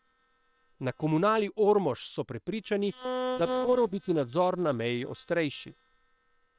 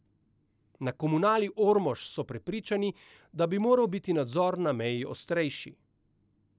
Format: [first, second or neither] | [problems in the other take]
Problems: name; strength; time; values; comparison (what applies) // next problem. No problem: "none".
second | noise reduction (neural separator model SepFormer WHAM!)